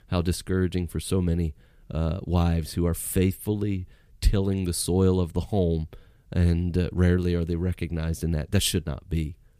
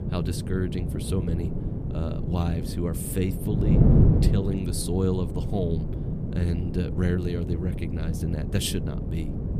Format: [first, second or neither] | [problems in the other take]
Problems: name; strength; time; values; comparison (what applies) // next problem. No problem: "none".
first | wind noise on the microphone; heavy; 2 dB below the speech